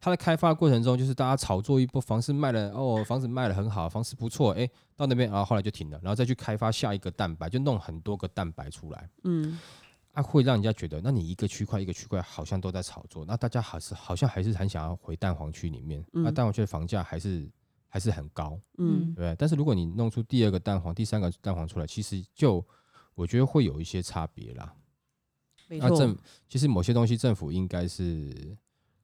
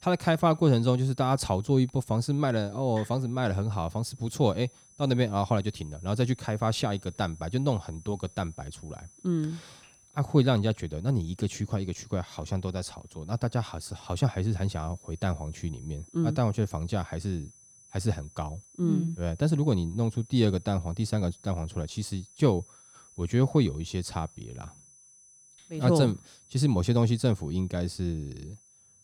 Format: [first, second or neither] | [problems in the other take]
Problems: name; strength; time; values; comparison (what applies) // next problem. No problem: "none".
first | high-pitched whine; faint; throughout; 6 kHz, 25 dB below the speech